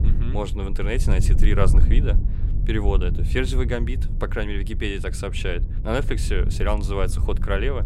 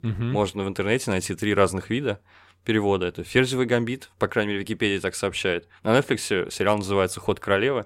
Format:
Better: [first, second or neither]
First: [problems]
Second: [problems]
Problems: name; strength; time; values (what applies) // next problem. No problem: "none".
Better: second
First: low rumble; noticeable; throughout; 10 dB below the speech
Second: none